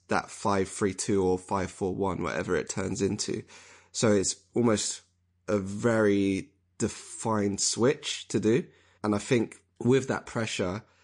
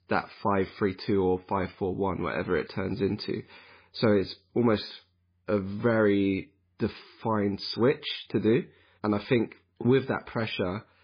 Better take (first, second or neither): first